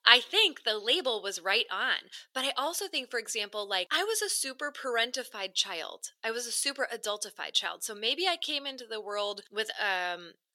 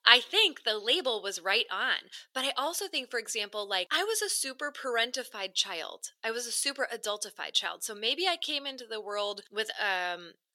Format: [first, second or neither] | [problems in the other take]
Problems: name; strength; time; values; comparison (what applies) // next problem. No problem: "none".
neither | thin; somewhat; fading below 450 Hz; the same in both